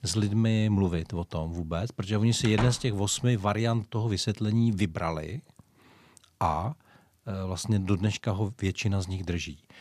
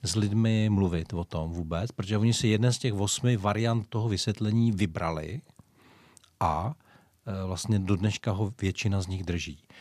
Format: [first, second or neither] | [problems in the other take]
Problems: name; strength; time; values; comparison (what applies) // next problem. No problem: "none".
second | door banging; noticeable; at 2.5 s; peak 6 dB below the speech